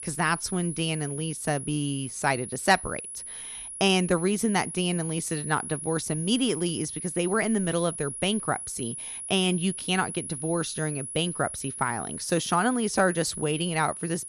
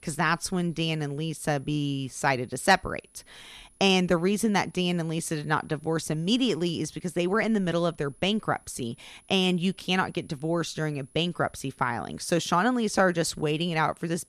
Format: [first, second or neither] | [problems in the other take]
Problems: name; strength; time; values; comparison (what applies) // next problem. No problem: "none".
second | high-pitched whine; loud; throughout; 10.5 kHz, 8 dB below the speech; faint in the second